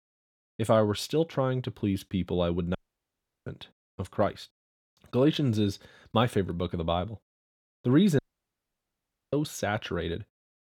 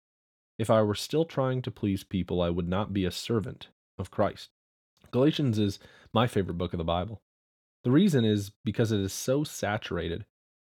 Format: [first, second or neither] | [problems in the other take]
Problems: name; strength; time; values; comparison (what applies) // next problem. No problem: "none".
second | audio cutting out; at 3 s for 0.5 s and at 8 s for 1 s